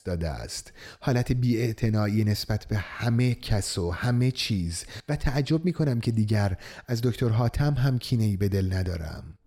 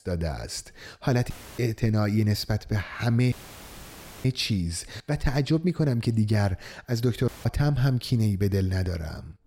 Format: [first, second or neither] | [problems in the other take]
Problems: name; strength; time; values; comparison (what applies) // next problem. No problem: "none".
first | audio cutting out; filled with static; at 1.5 s, at 3.5 s for 1 s and at 7.5 s